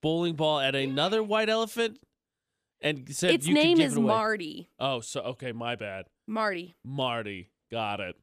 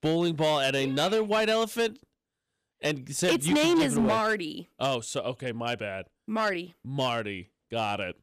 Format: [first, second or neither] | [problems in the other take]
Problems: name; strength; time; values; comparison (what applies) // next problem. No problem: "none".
first | distortion; slight; 6% of the sound clipped